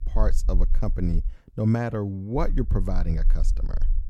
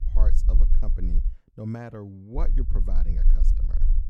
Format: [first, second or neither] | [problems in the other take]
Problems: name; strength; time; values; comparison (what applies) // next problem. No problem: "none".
first | low rumble; loud; until 1.5 s and from 2.5 s on; 8 dB below the speech; faint in the first